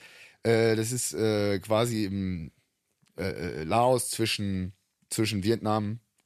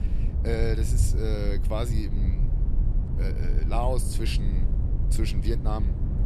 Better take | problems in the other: first | low rumble; loud; throughout; 9 dB below the speech

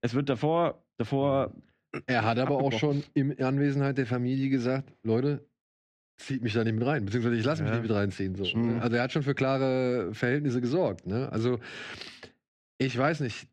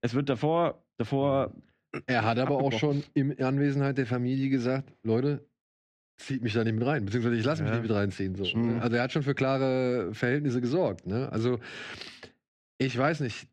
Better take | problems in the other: neither | muffled; slightly; fading above 3 kHz; the same in both

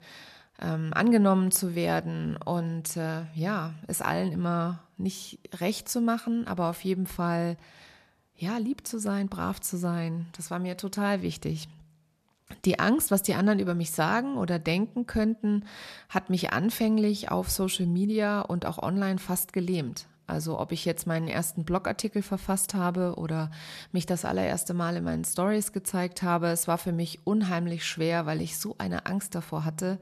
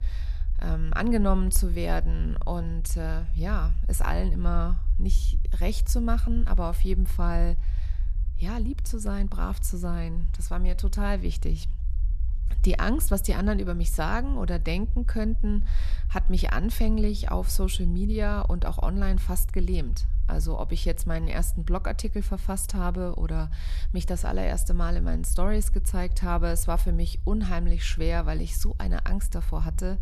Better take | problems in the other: first | low rumble; noticeable; throughout; 20 dB below the speech

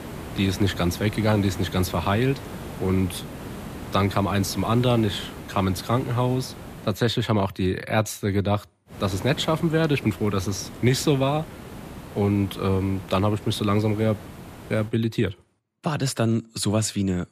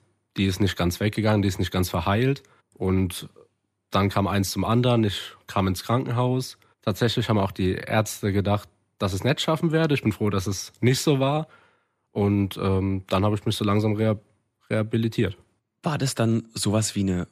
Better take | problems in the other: second | hiss; noticeable; until 7 s and from 9 to 15 s; 15 dB below the speech

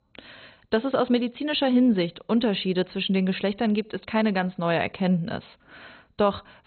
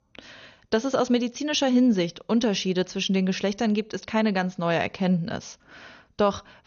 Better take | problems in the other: second | garbled, watery; badly; nothing above 4 kHz; slightly in the second

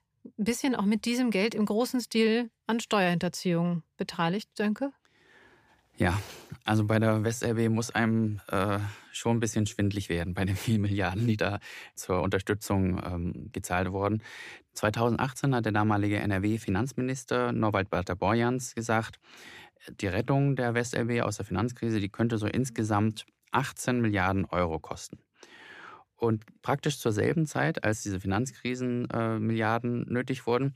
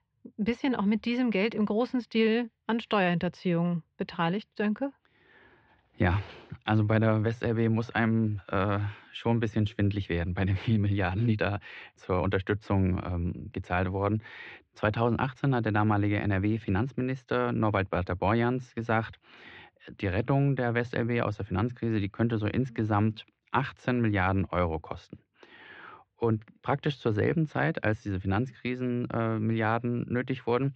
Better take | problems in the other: first | muffled; slightly; fading above 3.5 kHz

